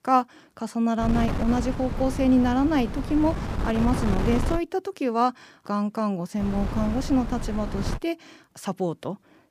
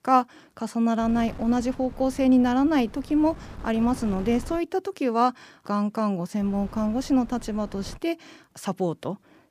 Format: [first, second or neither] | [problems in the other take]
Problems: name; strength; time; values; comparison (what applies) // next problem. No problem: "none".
second | wind noise on the microphone; heavy; from 1 to 4.5 s and from 6.5 to 8 s; 8 dB below the speech; occasional gusts in the second